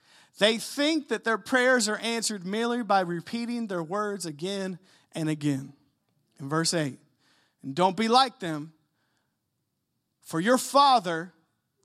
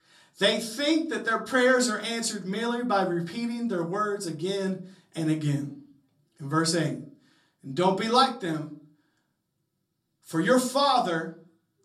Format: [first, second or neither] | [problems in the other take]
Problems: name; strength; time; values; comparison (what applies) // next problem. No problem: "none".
first | off-mic speech; far // room echo; very slight; dies away in 0.3 s